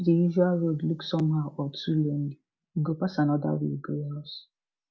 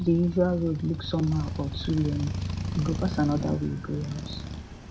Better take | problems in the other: first | background sound (Motorcycle); 6 dB below the speech

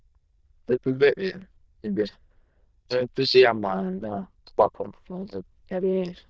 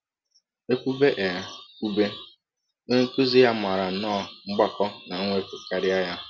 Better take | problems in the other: second | noise reduction (neural diffusion model UNIVERSE++)

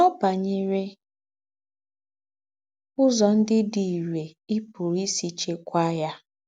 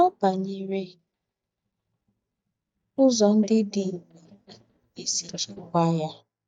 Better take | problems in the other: first | noise reduction (neural mask model DeepFilterNet 3)

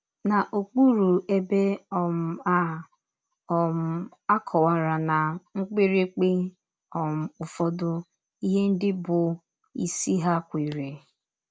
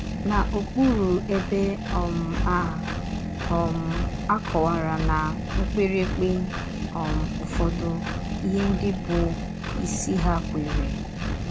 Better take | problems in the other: first | background sound (Engine); 1 dB below the speech

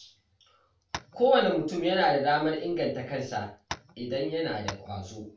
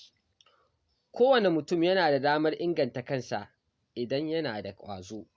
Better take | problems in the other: second | background sound (Tap); 12 dB below the speech // room echo; dies away in 0.3 s

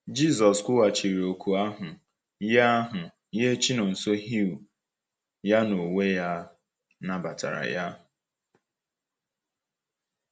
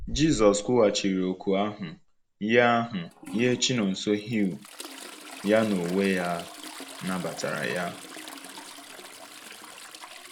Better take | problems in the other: first | background sound (Trickle, dribble / Toilet flush); 15 dB below the speech

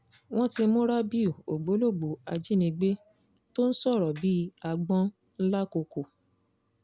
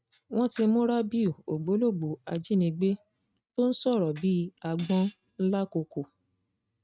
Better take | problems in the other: first | noise reduction (neural mask model RNNoise)

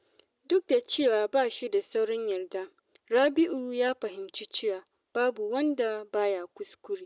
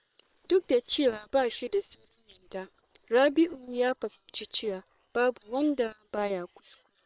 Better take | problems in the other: first | noise reduction (neural separator model SepFormer WHAM!)

